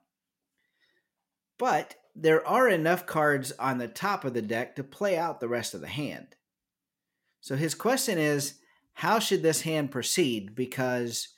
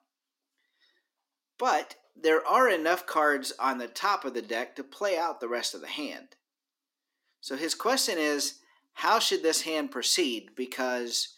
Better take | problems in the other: first | thin; very slightly; fading below 250 Hz

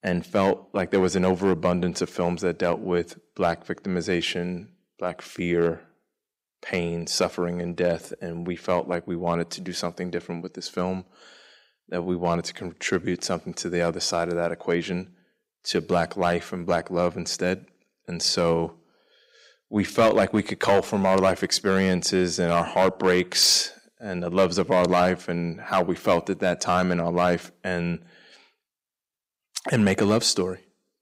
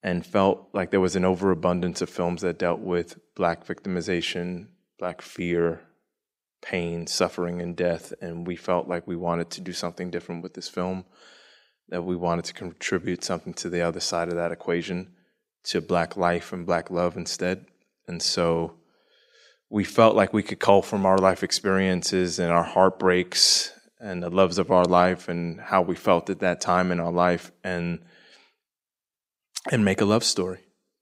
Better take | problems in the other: second | distortion; slight; 1.7% of the sound clipped

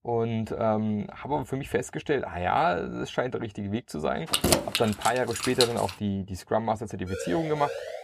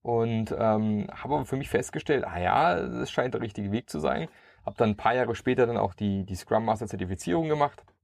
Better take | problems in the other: second | jangling keys; loud; from 4.5 to 6 s; peak 5 dB above the speech // siren; noticeable; at 7 s; peak 7 dB below the speech

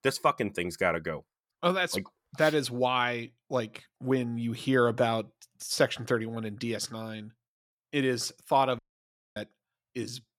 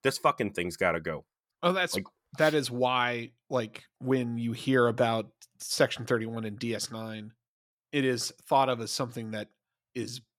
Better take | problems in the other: second | audio cutting out; at 9 s for 0.5 s

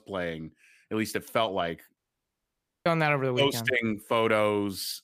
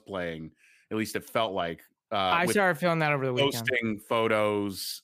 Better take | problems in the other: second | audio cutting out; at 2 s for 1 s

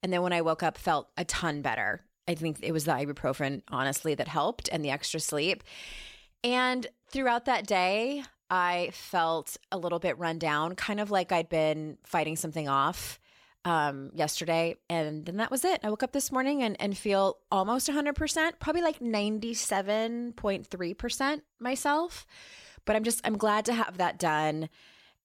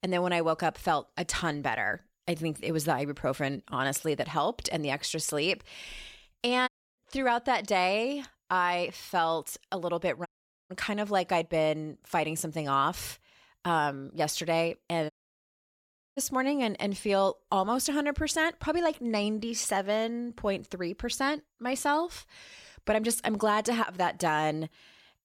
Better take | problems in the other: first | audio cutting out; at 6.5 s, at 10 s and at 15 s for 1 s

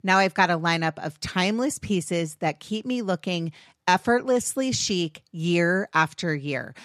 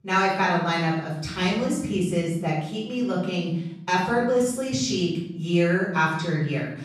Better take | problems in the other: first | off-mic speech; far // room echo; noticeable; dies away in 0.9 s

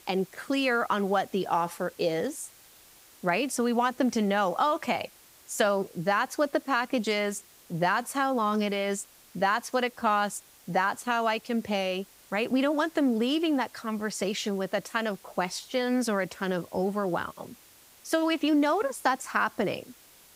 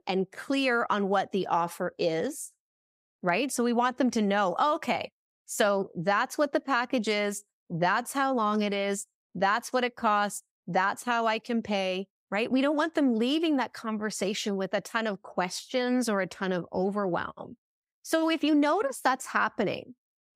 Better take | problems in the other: second | hiss; faint; throughout; 25 dB below the speech

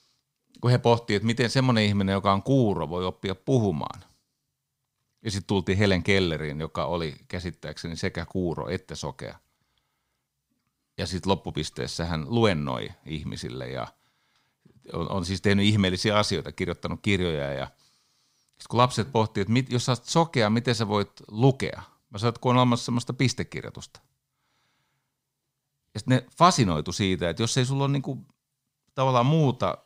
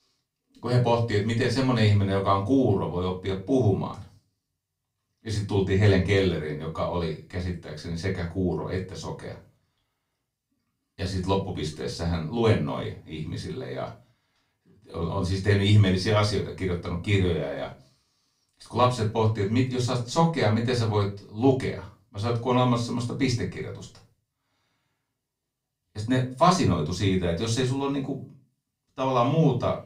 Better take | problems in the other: first | off-mic speech; far // room echo; slight; dies away in 0.3 s

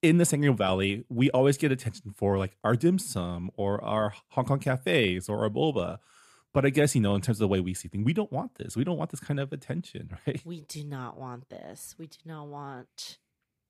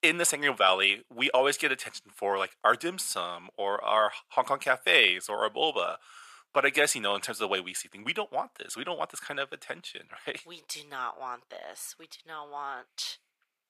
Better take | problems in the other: first | thin; very; fading below 750 Hz

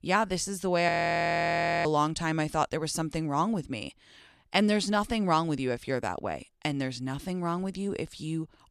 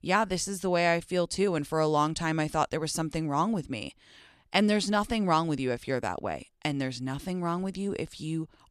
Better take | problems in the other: second | audio freezing; at 1 s for 1 s

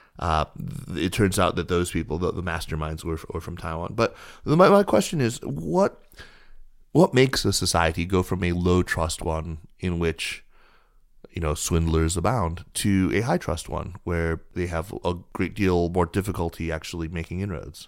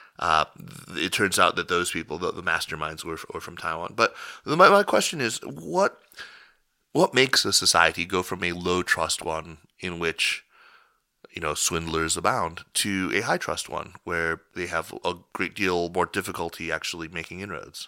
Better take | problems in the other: first | thin; somewhat; fading below 500 Hz

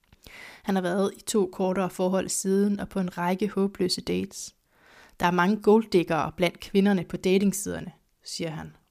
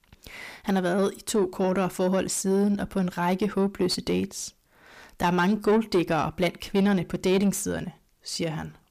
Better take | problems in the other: first | distortion; slight; 10 dB below the speech

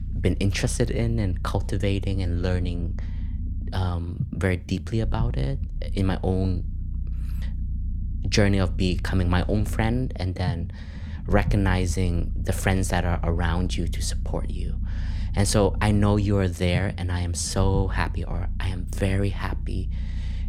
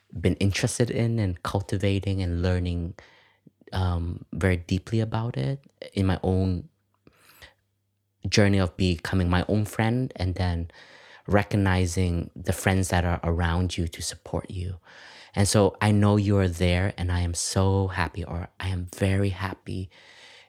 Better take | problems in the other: second | low rumble; noticeable; throughout; 20 dB below the speech

